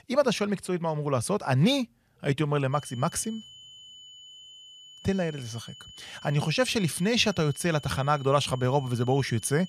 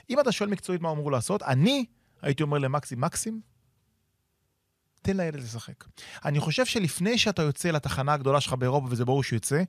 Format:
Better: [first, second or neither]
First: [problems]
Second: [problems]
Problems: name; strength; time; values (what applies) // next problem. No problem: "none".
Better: second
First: high-pitched whine; noticeable; from 2.5 s on; 3 kHz, 20 dB below the speech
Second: none